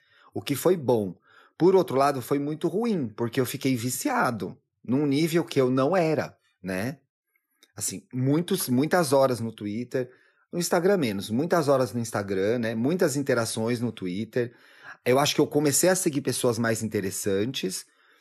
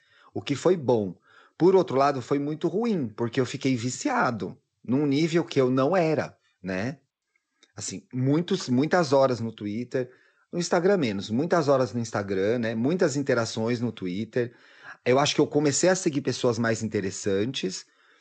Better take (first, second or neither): first